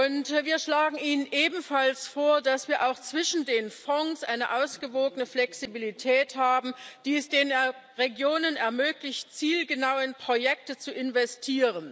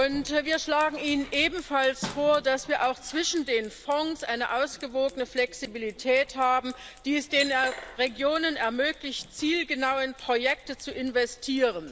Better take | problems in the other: first | background sound (Scissors); 18 dB below the speech

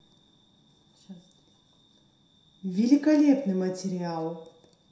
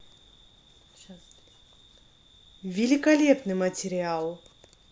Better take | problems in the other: second | room echo; dies away in 0.7 s

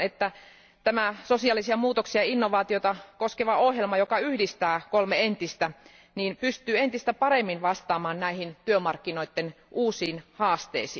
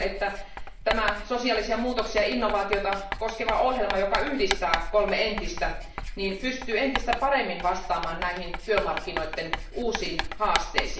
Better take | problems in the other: first | background sound (Writing); 5 dB below the speech // room echo; dies away in 0.5 s

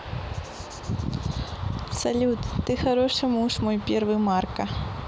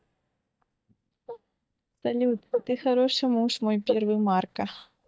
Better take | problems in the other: first | noise reduction (neural mask model DeepFilterNet 3)

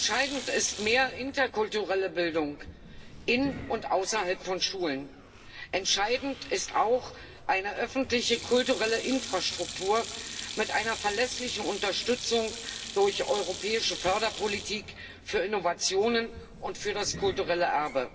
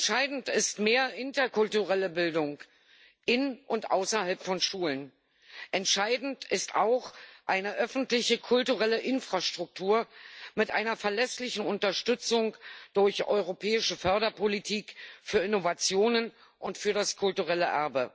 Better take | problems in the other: second | background sound (Sink (filling or washing)); 12 dB below the speech // room echo; dies away in 1.4 s

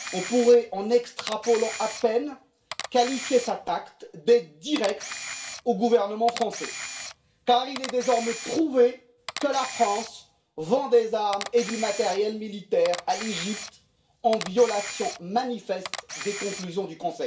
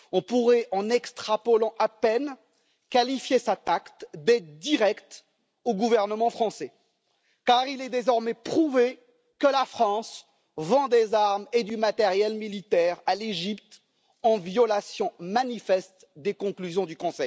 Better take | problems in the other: second | background sound (Camera); 13 dB below the speech // room echo; dies away in 0.3 s

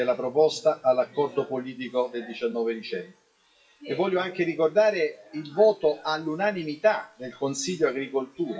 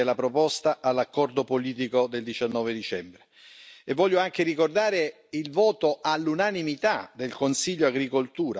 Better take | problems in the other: second | noise reduction (classical method WPE with log-MMSE)

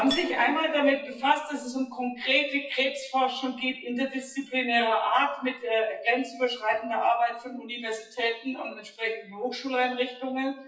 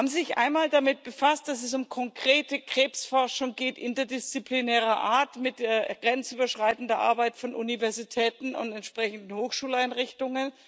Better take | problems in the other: second | noise reduction (classical method WPE with log-MMSE)

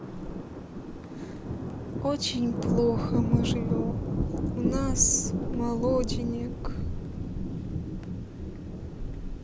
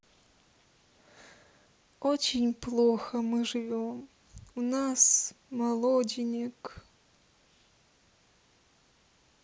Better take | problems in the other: second | background sound (Thunder); 2 dB above the speech

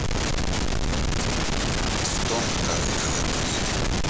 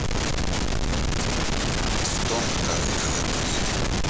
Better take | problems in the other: first | background sound (Bird); 13 dB below the speech

